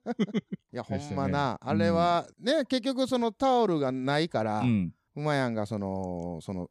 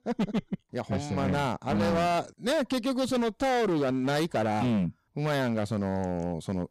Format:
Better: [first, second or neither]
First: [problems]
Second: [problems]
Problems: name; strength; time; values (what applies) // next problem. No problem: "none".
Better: first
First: none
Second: distortion; heavy; 19% of the sound clipped